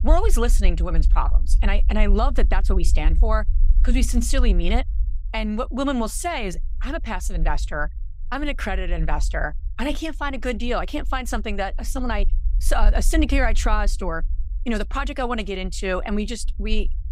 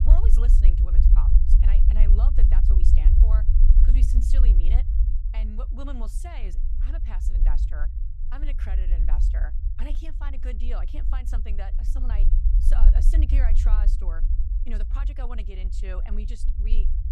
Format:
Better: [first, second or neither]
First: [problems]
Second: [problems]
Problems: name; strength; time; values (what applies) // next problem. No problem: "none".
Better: first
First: low rumble; faint; throughout; 25 dB below the speech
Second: low rumble; loud; throughout; 2 dB below the speech